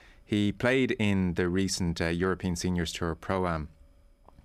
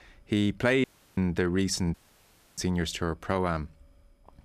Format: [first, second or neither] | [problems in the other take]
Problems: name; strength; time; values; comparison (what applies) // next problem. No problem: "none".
first | audio cutting out; at 1 s and at 2 s for 0.5 s